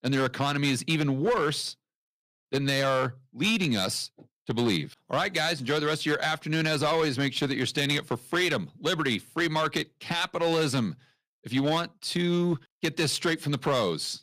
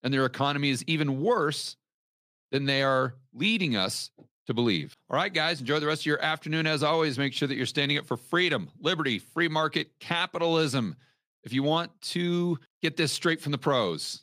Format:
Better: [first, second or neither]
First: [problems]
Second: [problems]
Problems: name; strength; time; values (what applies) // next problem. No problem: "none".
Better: second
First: distortion; slight; 6% of the sound clipped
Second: none